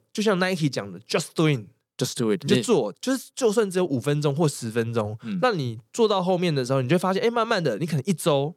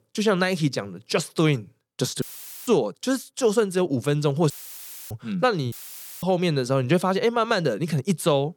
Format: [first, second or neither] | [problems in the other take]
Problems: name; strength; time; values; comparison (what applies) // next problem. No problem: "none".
first | audio cutting out; filled with static; at 2 s, at 4.5 s for 0.5 s and at 5.5 s for 0.5 s